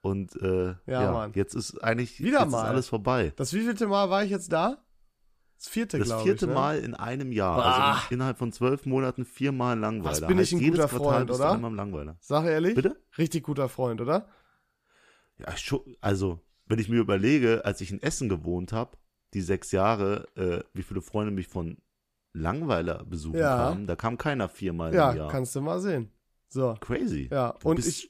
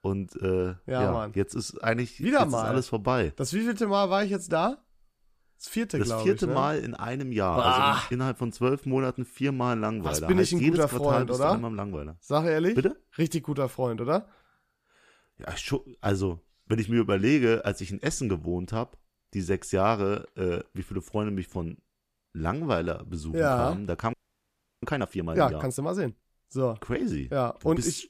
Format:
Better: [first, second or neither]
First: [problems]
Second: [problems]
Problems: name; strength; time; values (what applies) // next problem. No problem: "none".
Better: first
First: none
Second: audio freezing; at 24 s for 0.5 s